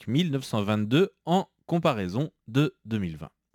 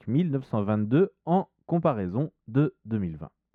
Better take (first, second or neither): first